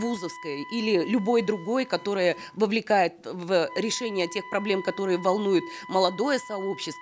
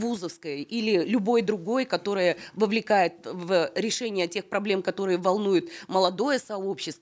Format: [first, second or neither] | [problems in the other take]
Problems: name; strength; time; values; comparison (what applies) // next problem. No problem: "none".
second | background sound (Wind instrument, woodwind instrument); 17 dB below the speech